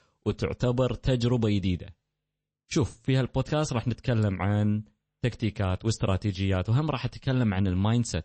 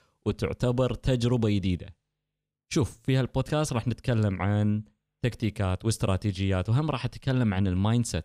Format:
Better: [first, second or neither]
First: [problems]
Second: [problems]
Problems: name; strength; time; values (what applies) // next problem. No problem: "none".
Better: second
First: garbled, watery; slightly; nothing above 8 kHz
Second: none